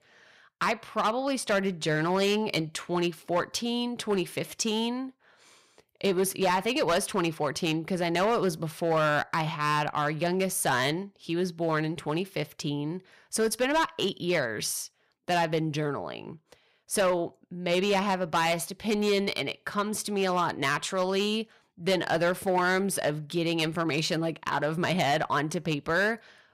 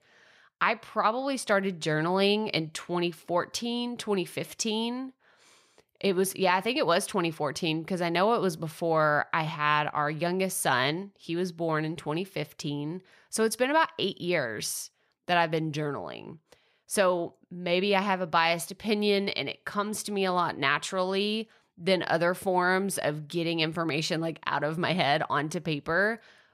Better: second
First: distortion; slight; 6% of the sound clipped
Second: none

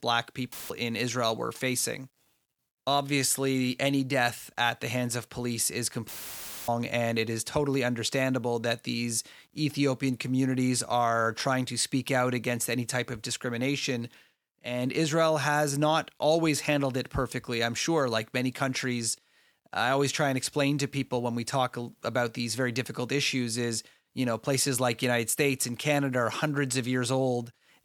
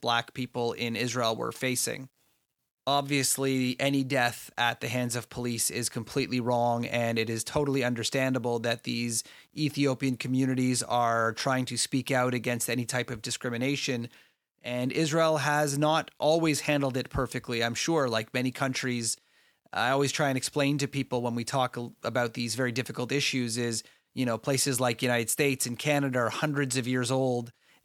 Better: second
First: audio cutting out; filled with static; at 0.5 s and at 6 s for 0.5 s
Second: none

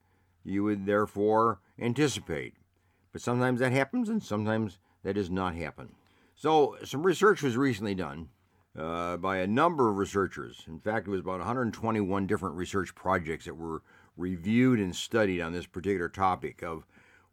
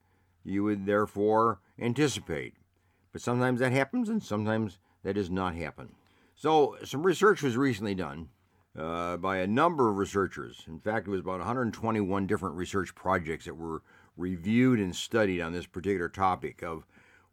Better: neither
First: none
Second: none

